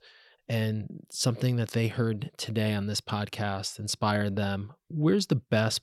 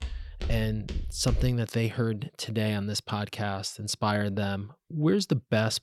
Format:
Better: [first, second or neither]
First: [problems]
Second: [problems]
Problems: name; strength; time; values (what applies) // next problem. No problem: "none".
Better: first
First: none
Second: footsteps; noticeable; until 1.5 s; peak 5 dB below the speech